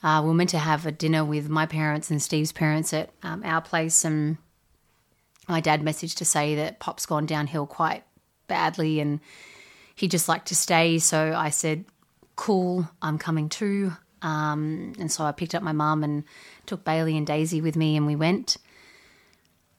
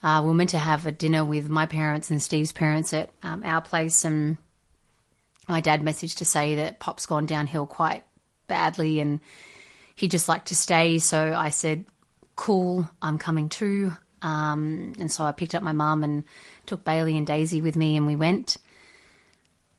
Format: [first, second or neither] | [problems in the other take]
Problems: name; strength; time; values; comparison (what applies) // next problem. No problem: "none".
first | garbled, watery; slightly; nothing above 10.5 kHz